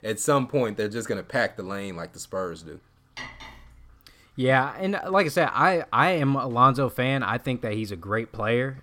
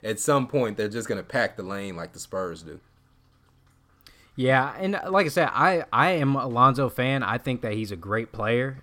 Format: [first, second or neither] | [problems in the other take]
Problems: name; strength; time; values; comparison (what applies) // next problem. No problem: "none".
second | clattering dishes; faint; at 3 s; peak 15 dB below the speech